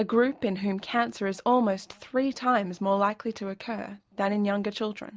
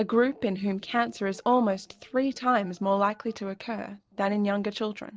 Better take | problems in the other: first | noise reduction (neural separator model SepFormer DNS4)

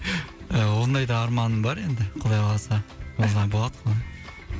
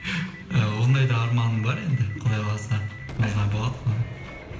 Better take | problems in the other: first | background sound (Boom); 18 dB below the speech // room echo; dies away in 0.9 s

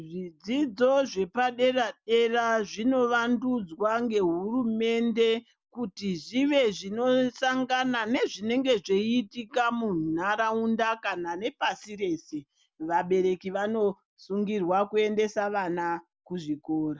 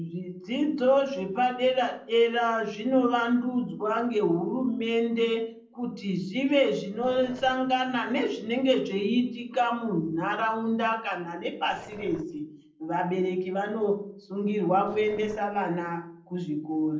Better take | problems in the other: first | noise reduction (neural separator model SepFormer DNS4)

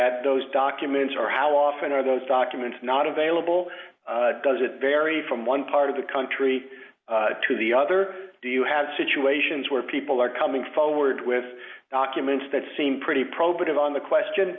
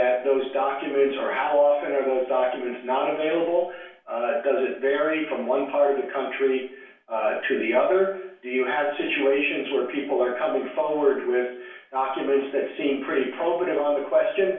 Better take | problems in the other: first | room echo; dies away in 0.3 s

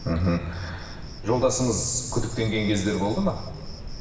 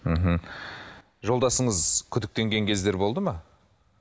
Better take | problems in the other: second | background sound (Cricket); 10 dB below the speech // room echo; dies away in 1.3 s

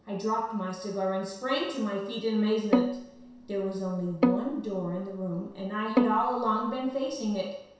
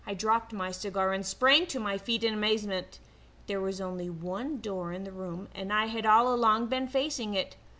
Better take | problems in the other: second | background sound (Bowed string instrument); 1 dB below the speech // room echo; dies away in 0.7 s

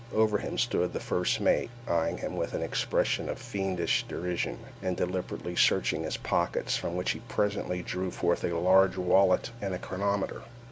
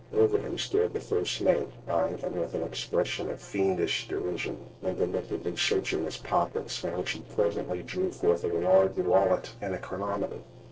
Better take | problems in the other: first | noise reduction (neural separator model SepFormer DNS4)

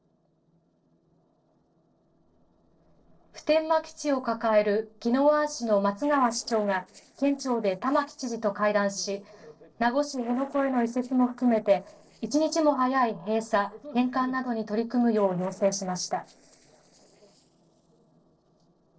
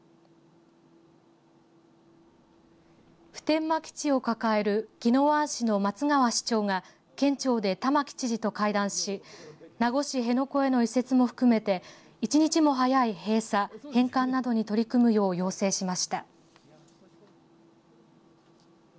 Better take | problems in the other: second | noise reduction (neural separator model SepFormer DNS4)

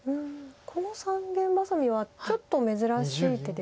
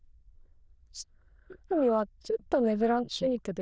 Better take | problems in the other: first | noise reduction (neural diffusion model UNIVERSE++)

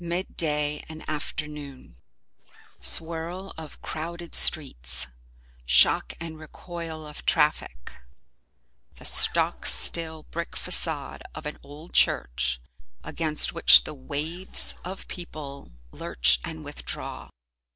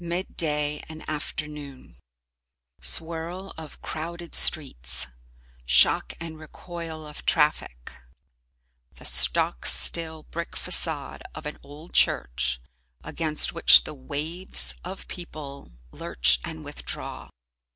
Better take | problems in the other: second | noise reduction (neural separator model SepFormer DNS4)

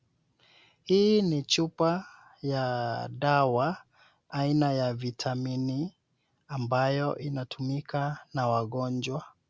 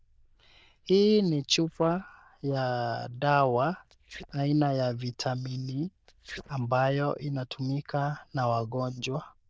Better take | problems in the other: first | noise reduction (neural diffusion model UNIVERSE++)

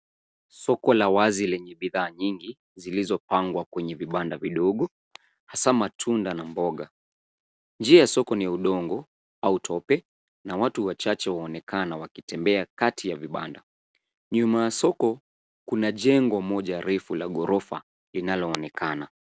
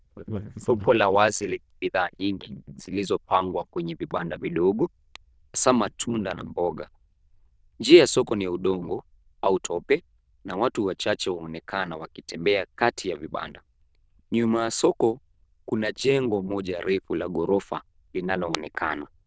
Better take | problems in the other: first | noise reduction (neural diffusion model UNIVERSE++)

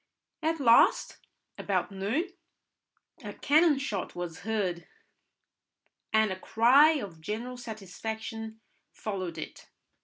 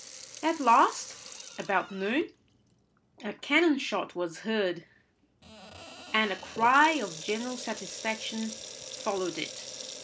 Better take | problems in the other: first | background sound (Sink (filling or washing) / Water tap, faucet); 15 dB below the speech

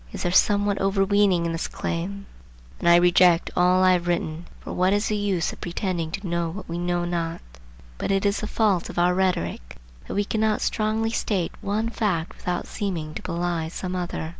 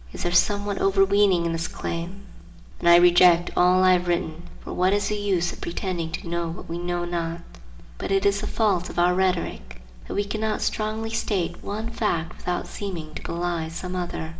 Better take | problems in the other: first | room echo; dies away in 1.3 s

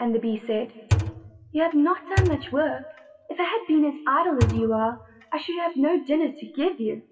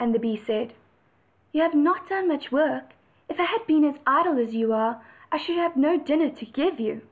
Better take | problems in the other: second | noise reduction (classical method WPE with log-MMSE)

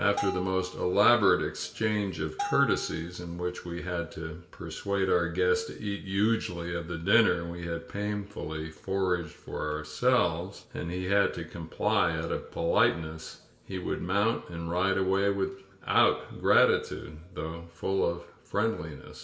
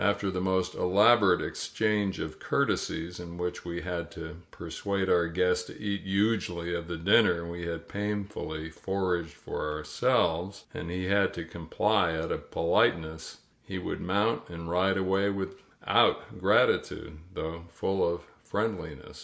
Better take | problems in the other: second | background sound (Bell); 11 dB below the speech // room echo; dies away in 0.8 s

